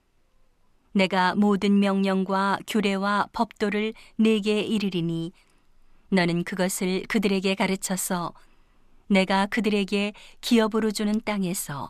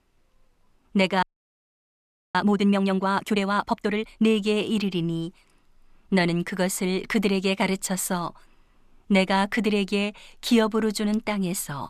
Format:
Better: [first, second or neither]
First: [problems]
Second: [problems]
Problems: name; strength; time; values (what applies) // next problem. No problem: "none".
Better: first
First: none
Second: audio freezing; at 1 s for 1 s